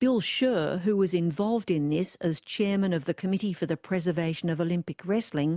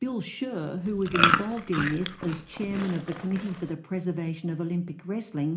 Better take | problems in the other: first | background sound (Chewing, mastication); 1 dB above the speech // room echo; dies away in 0.4 s

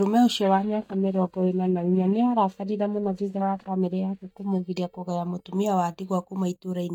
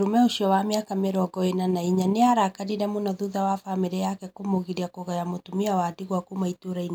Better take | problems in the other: second | noise reduction (neural mask model DeepFilterNet 3)

